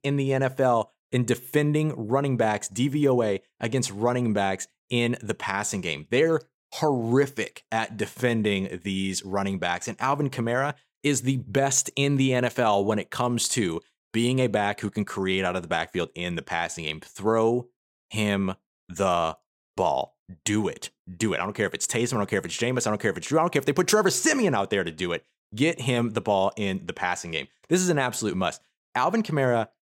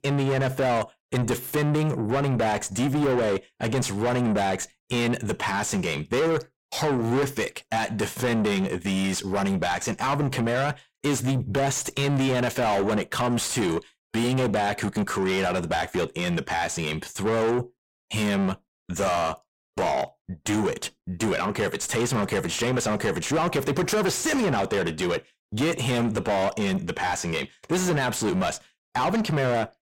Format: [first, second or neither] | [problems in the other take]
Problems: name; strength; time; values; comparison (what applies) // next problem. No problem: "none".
first | distortion; heavy; 6 dB below the speech